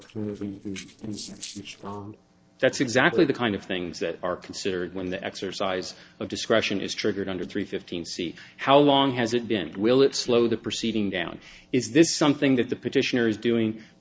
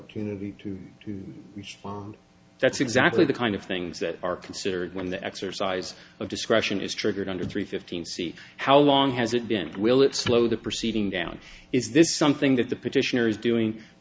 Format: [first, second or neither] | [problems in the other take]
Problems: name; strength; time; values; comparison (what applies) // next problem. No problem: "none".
second | noise reduction (neural separator model SepFormer DNS4)